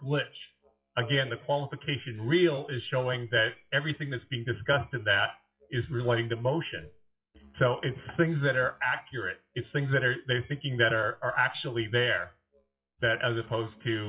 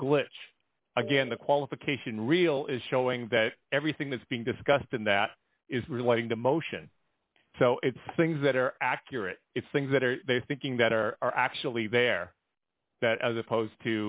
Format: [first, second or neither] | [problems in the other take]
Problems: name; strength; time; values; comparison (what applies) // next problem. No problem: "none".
second | noise reduction (classical method WPE with log-MMSE)